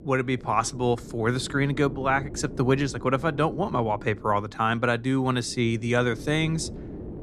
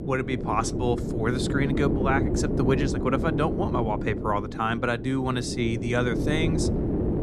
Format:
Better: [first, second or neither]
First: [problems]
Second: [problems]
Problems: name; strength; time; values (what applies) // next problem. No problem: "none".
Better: first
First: wind noise on the microphone; occasional gusts; 20 dB below the speech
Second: wind noise on the microphone; heavy; 5 dB below the speech